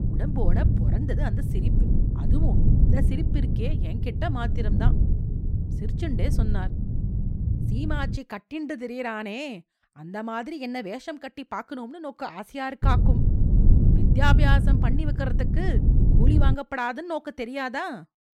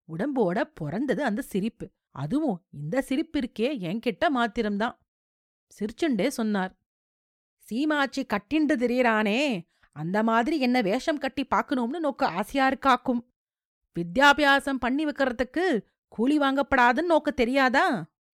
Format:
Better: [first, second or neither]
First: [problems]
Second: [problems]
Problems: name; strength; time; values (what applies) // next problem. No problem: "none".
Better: second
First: low rumble; loud; until 8 s and from 13 to 17 s; 5 dB below the speech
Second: none